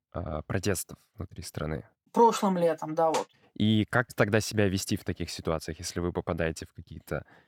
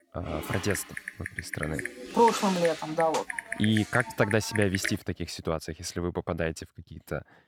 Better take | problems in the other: first | keyboard typing; noticeable; until 5 s; peak 3 dB below the speech

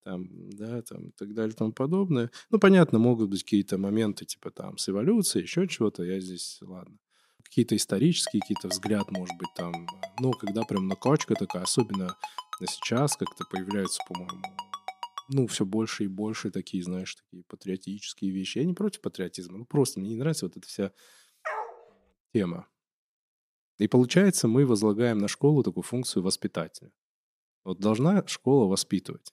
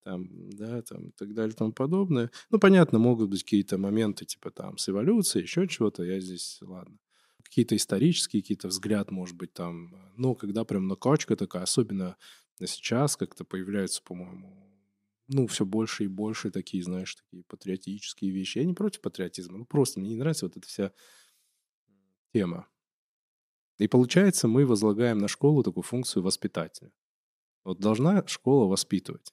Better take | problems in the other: second | phone ringing; faint; from 8.5 to 15 s; peak 10 dB below the speech // dog barking; noticeable; at 21 s; peak 7 dB below the speech

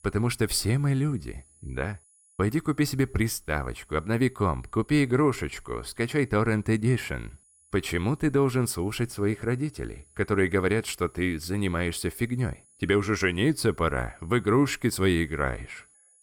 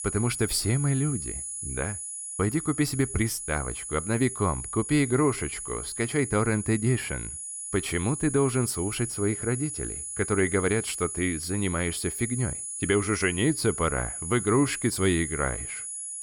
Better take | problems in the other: first | high-pitched whine; loud; throughout; 10 kHz, 6 dB below the speech; faint in the first

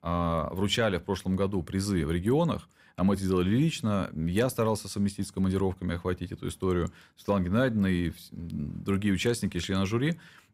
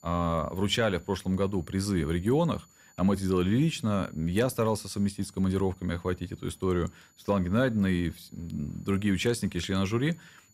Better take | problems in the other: first | high-pitched whine; faint; throughout; 7 kHz, 30 dB below the speech

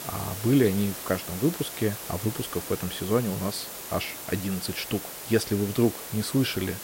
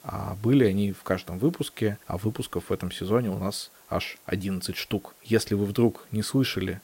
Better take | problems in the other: second | hiss; loud; throughout; 8 dB below the speech; faint in the second

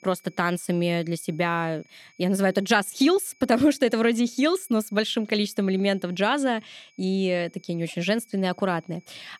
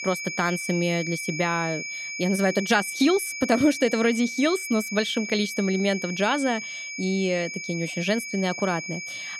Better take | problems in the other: first | high-pitched whine; loud; throughout; 2.5 kHz, 7 dB below the speech; faint in the first

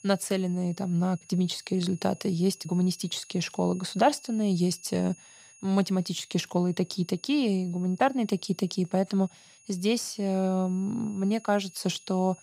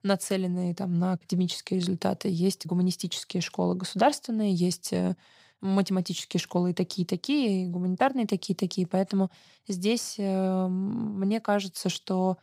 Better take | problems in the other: second | high-pitched whine; faint; throughout; 6.5 kHz, 25 dB below the speech

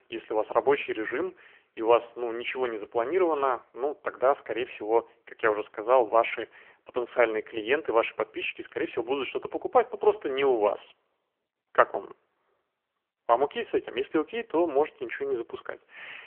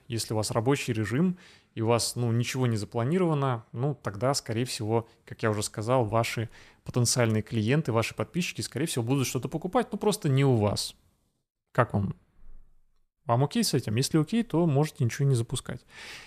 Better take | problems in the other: second | phone-call audio; poor line; nothing above 3 kHz

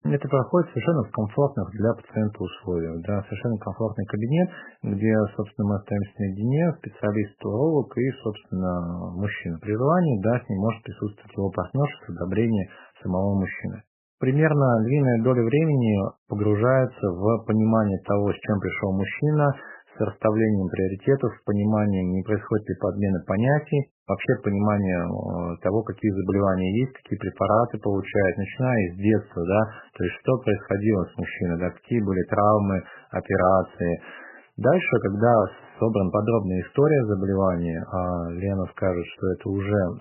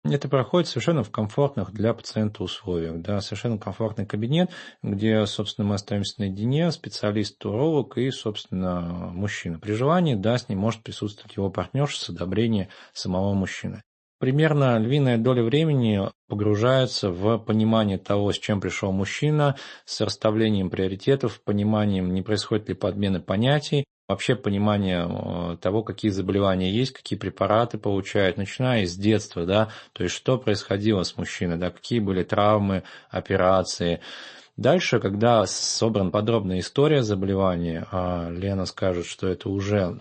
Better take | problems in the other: second | garbled, watery; badly; nothing above 3 kHz; slightly in the second

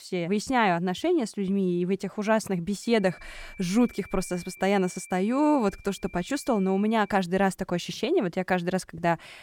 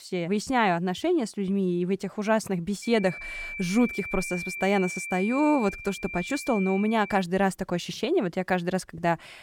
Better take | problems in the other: first | high-pitched whine; loud; from 3 to 7 s; 2.5 kHz, 9 dB below the speech; faint in the first

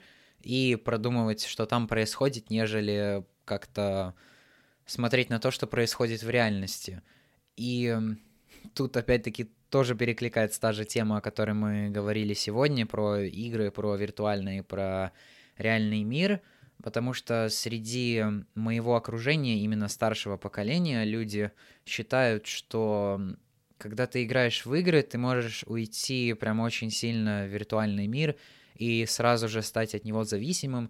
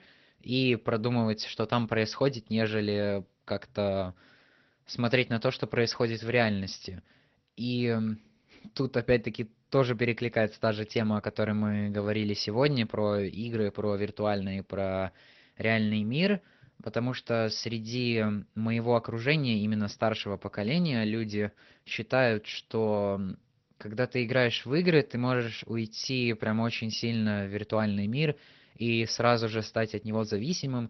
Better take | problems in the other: first | garbled, watery; slightly; nothing above 6 kHz

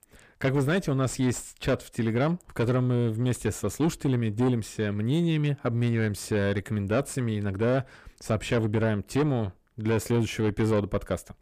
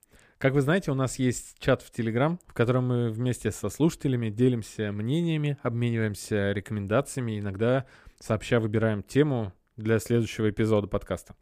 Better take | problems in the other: second | distortion; slight; 10 dB below the speech

